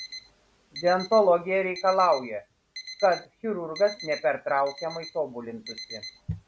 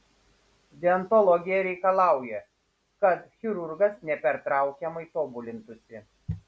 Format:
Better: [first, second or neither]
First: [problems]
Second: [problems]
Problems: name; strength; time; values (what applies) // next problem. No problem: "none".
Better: second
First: background sound (Alarm); 16 dB below the speech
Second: none